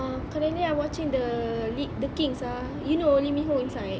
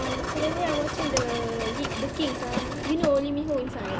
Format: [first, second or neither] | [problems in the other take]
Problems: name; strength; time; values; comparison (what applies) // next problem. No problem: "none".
first | background sound (Mechanisms); 4 dB below the speech